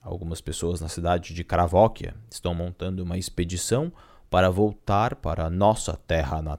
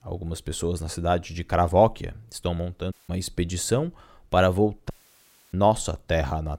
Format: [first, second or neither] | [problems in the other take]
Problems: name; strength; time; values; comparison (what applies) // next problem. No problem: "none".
first | audio cutting out; at 3 s and at 5 s for 0.5 s